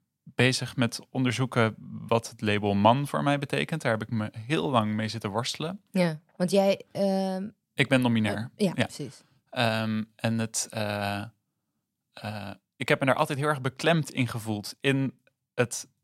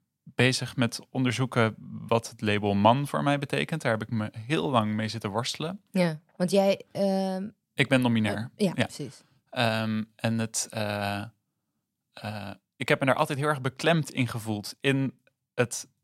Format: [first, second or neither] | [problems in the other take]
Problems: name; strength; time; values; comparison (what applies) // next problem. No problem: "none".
neither | none